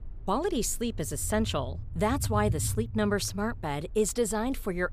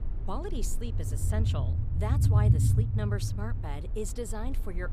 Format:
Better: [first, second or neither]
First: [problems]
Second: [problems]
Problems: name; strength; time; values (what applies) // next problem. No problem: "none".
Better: first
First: low rumble; faint; throughout; 20 dB below the speech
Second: low rumble; loud; throughout; 2 dB below the speech